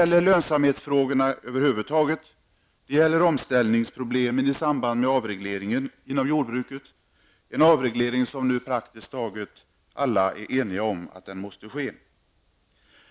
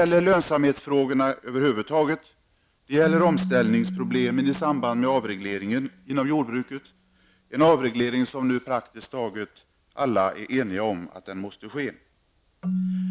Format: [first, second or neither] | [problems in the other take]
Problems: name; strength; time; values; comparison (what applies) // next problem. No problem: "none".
first | background sound (Keyboard (musical)); 11 dB below the speech